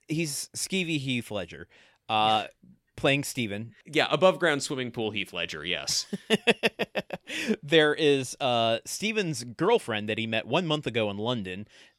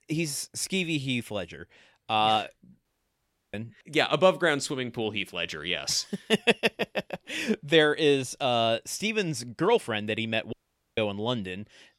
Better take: first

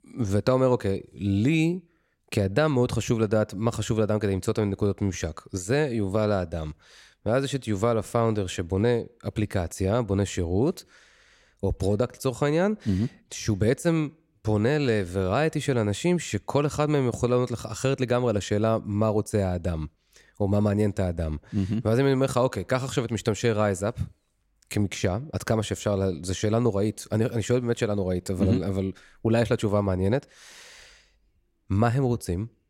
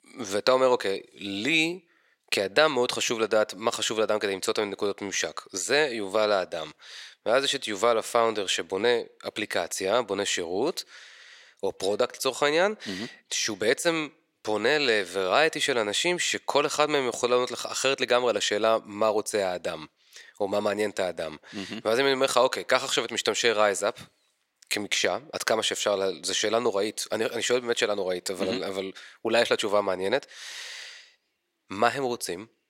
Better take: first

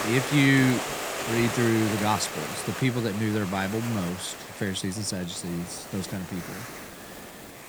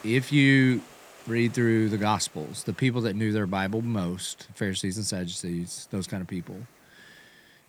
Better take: second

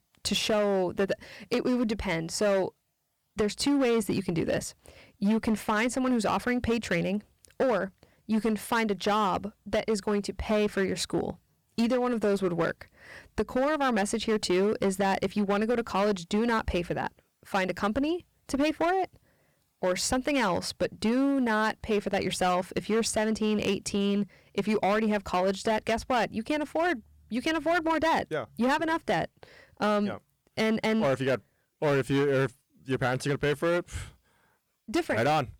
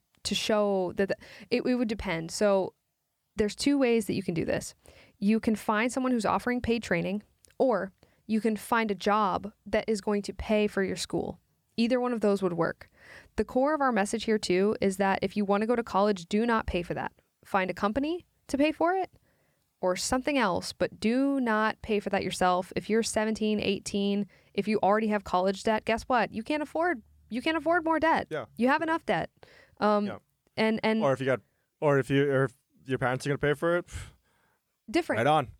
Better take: second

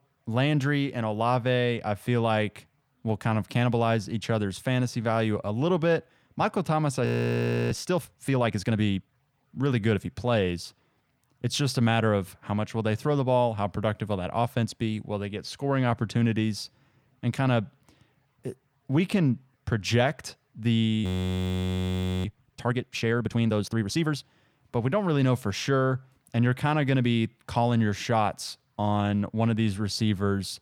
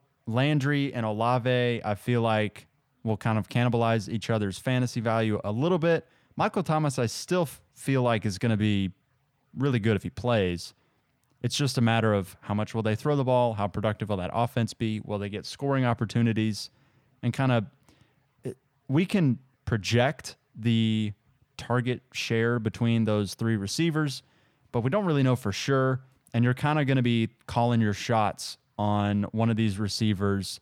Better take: second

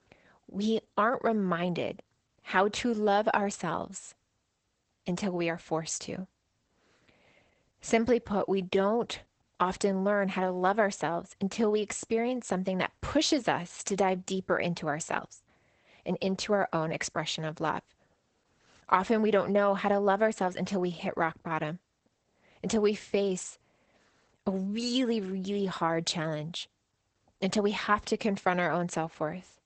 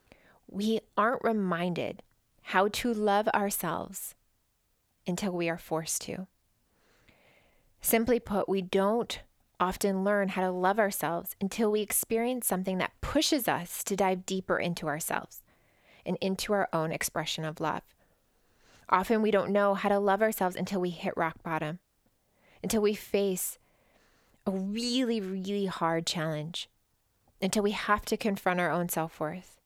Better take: second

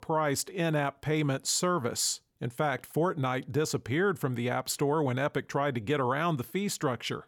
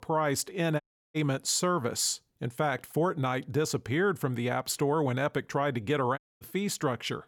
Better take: first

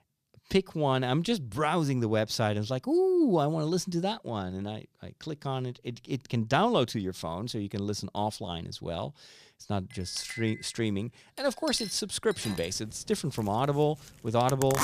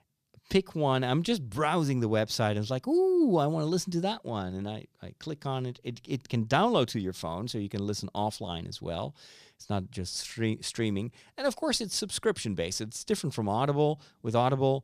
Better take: second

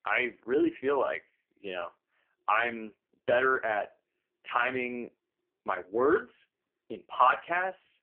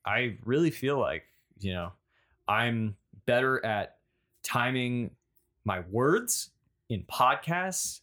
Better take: second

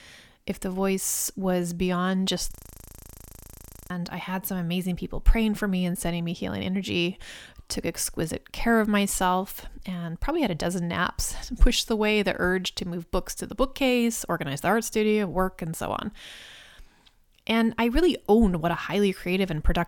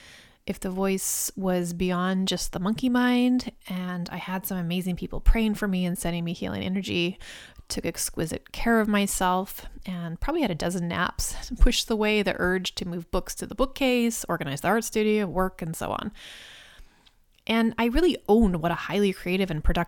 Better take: second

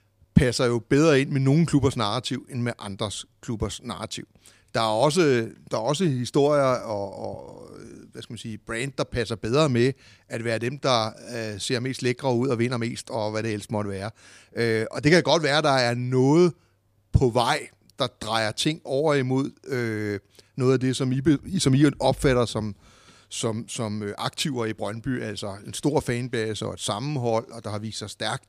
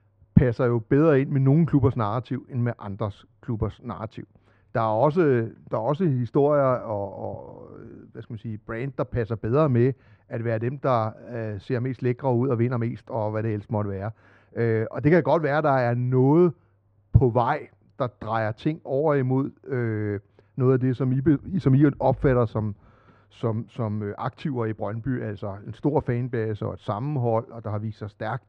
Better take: first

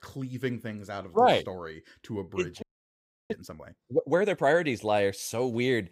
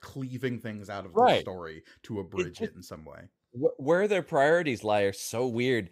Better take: second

